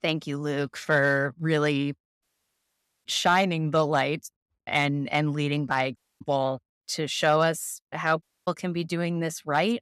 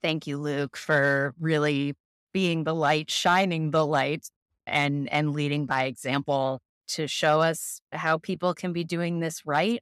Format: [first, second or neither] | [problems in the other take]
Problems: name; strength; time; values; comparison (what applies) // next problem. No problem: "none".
second | audio cutting out; at 2 s for 1 s, at 6 s and at 8 s